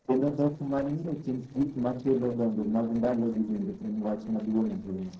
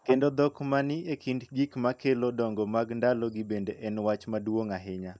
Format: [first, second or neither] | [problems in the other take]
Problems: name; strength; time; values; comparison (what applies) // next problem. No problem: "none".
second | noise reduction (neural separator model SepFormer DNS4)